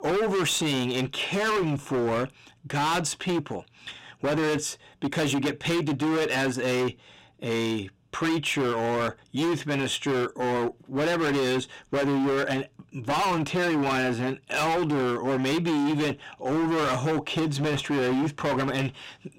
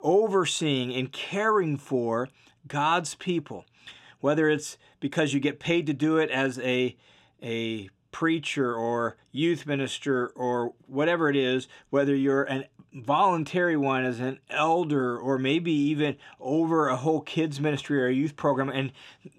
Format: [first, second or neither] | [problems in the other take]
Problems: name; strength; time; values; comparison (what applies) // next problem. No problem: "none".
second | distortion; heavy; 29% of the sound clipped